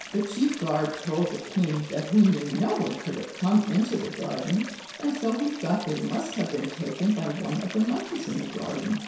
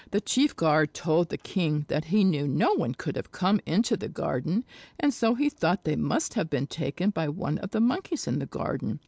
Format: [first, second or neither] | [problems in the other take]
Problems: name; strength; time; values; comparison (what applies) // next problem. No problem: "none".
second | background sound (Stream); 14 dB below the speech // room echo; dies away in 0.7 s